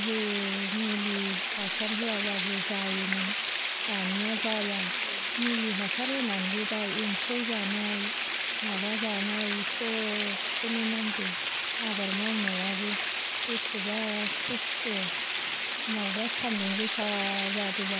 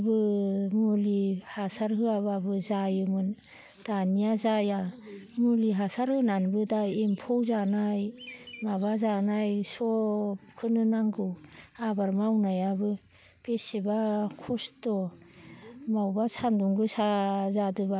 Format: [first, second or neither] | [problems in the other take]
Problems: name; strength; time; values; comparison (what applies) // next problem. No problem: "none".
second | background sound (Water); 3 dB above the speech